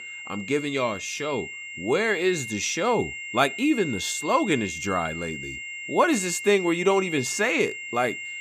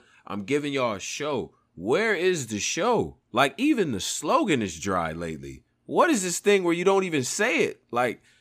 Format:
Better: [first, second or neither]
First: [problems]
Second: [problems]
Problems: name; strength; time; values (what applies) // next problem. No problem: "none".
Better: second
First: high-pitched whine; loud; throughout; 2 kHz, 9 dB below the speech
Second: none